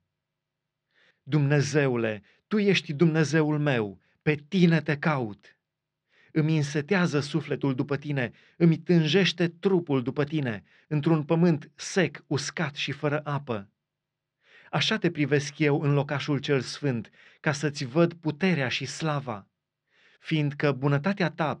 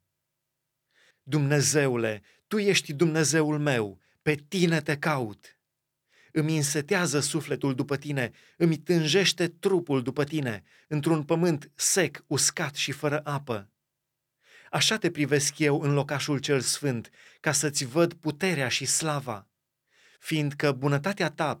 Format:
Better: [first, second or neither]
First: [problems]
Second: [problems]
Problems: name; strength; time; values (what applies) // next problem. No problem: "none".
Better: second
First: muffled; slightly; fading above 4 kHz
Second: none